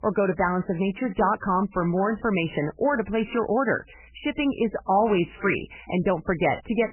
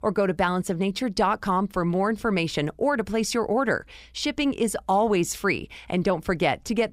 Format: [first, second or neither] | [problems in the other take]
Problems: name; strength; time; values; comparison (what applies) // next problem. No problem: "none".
second | garbled, watery; badly; nothing above 3 kHz